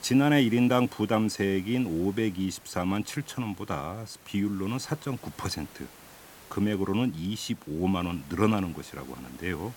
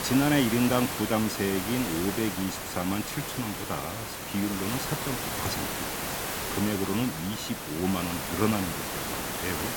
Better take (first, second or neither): first